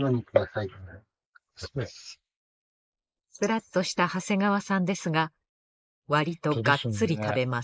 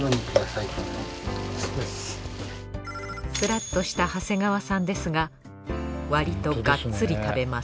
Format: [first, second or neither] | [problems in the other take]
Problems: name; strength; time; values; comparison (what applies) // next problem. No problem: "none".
second | noise reduction (neural mask model Resemble Enhance denoiser)